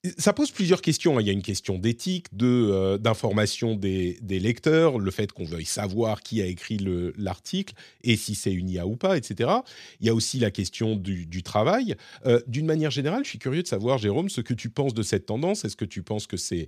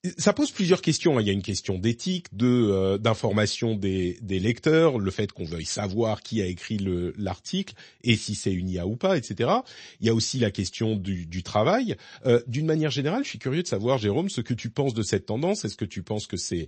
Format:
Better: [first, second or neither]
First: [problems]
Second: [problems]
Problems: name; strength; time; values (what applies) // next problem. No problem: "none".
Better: first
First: none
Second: garbled, watery; slightly; nothing above 8 kHz